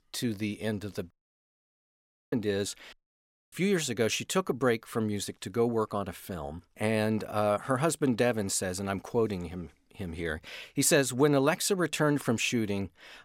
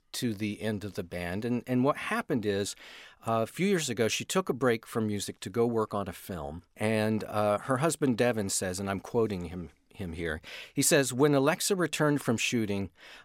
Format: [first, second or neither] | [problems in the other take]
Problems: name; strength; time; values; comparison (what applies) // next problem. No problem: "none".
second | audio cutting out; at 1 s for 1 s and at 3 s for 0.5 s